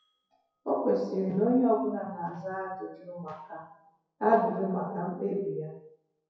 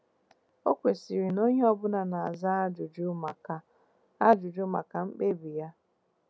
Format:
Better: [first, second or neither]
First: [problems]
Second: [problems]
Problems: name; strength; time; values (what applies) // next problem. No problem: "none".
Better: second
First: noise reduction (classical method WPE with log-MMSE)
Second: none